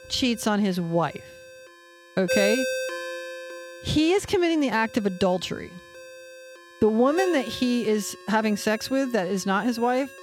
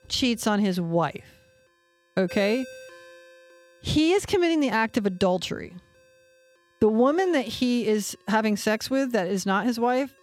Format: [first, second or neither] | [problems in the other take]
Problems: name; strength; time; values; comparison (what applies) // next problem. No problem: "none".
second | alarms or sirens; loud; throughout; 9 dB below the speech; faint in the second